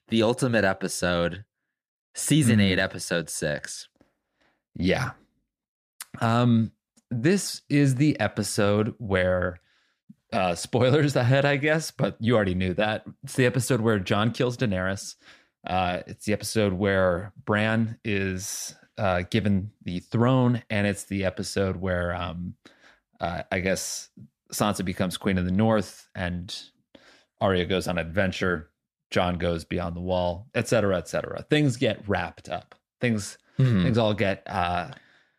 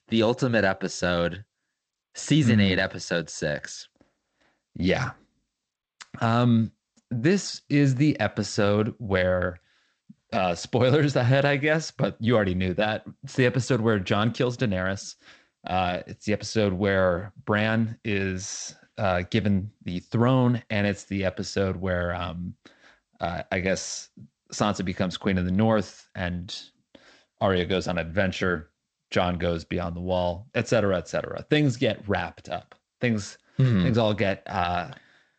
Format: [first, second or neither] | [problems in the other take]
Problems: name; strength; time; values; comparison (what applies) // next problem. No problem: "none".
first | garbled, watery; slightly; nothing above 8 kHz